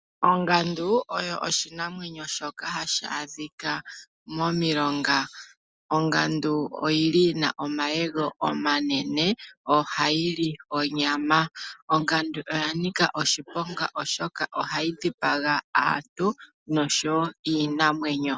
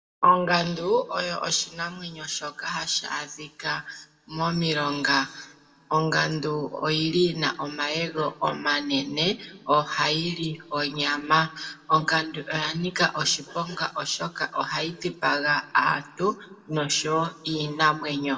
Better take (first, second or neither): first